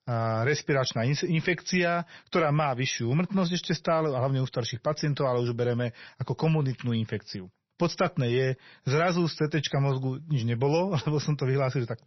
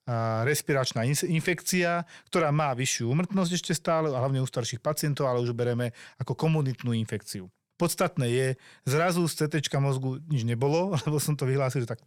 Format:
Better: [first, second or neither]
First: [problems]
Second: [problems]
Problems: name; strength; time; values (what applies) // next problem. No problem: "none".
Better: second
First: garbled, watery; slightly; nothing above 6 kHz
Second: none